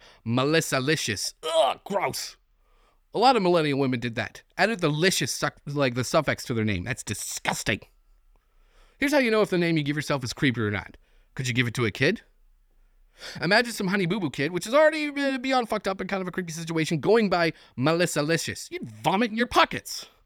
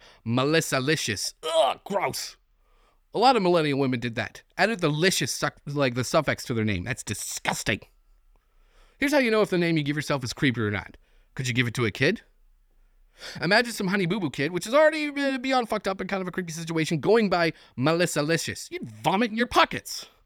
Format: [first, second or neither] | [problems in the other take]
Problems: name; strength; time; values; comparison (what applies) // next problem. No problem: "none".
neither | none